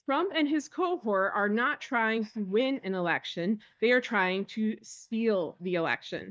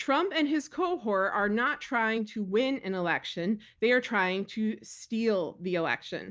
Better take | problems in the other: second | noise reduction (neural mask model DeepFilterNet 3)

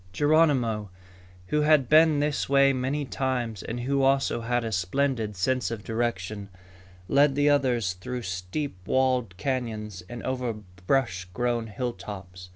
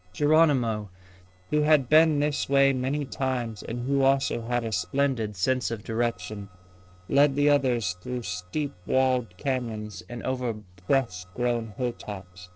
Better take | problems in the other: first | noise reduction (neural separator model SepFormer DNS4)

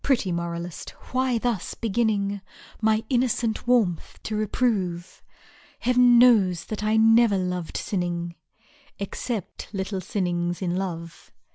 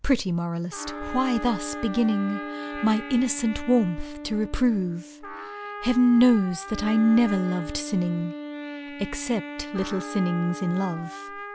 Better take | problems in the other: first | background sound (Wind instrument, woodwind instrument + Trumpet); 11 dB below the speech

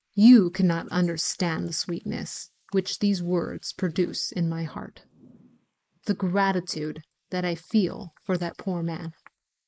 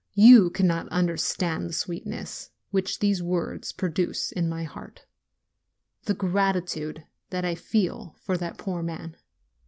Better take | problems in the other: second | noise reduction (neural mask model Resemble Enhance denoiser)

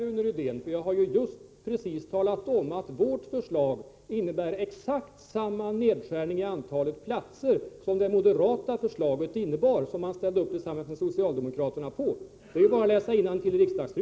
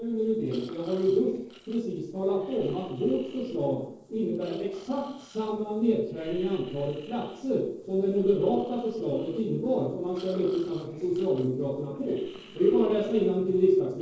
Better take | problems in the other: first | noise reduction (neural separator model SepFormer DNS4)

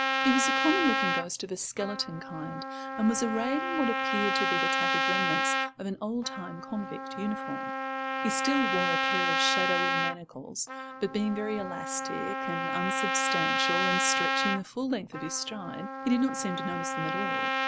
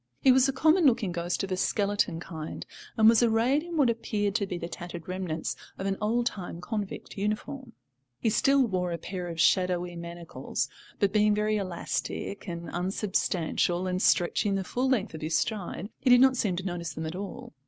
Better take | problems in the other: second | background sound (Trumpet); 2 dB above the speech

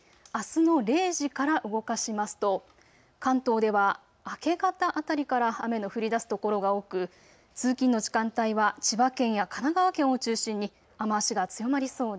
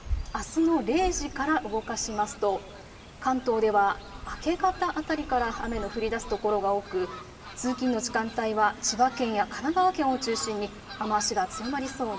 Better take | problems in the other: first | background sound (Fowl); 13 dB below the speech // room echo; dies away in 2.2 s

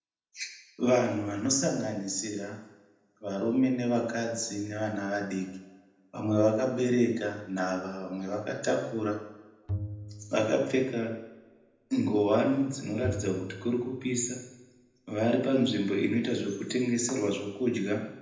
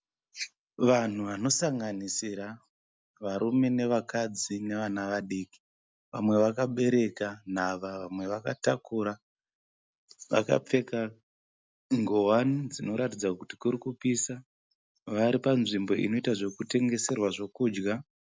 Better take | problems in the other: second | background sound (Bowed string instrument); 11 dB below the speech // room echo; dies away in 0.8 s

